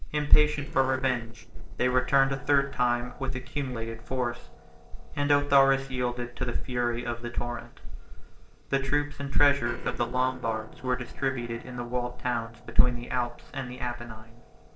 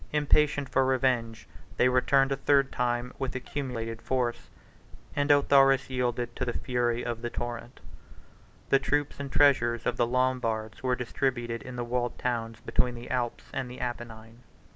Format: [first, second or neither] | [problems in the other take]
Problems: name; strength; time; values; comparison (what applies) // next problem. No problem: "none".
second | noise reduction (neural separator model SepFormer DNS4)